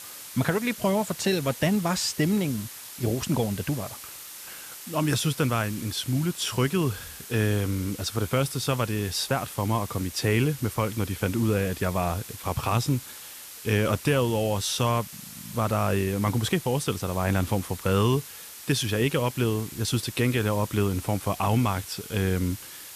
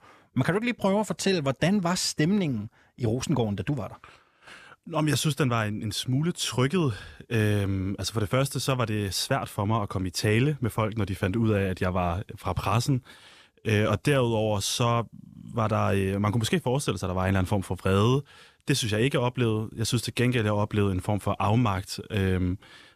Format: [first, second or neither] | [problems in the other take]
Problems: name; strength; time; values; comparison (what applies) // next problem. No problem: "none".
second | hiss; noticeable; throughout; 15 dB below the speech